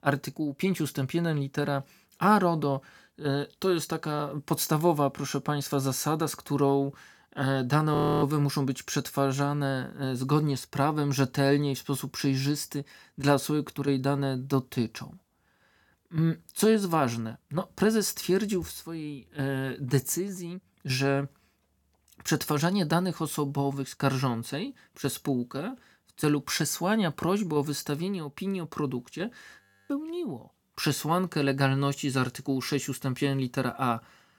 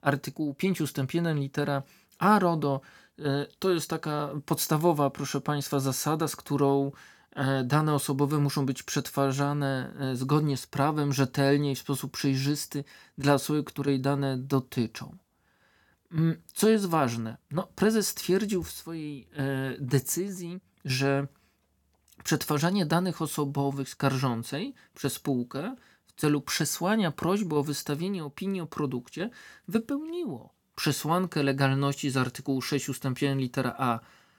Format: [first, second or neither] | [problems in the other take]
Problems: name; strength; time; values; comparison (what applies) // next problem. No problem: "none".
second | audio freezing; at 8 s and at 30 s